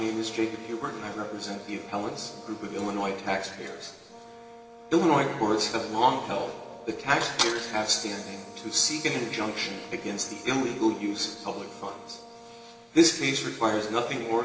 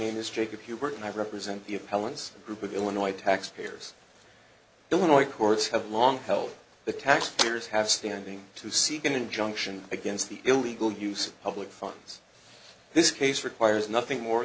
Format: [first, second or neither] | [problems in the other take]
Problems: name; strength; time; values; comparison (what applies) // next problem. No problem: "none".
second | background sound (Brass instrument); 19 dB below the speech // room echo; dies away in 2.1 s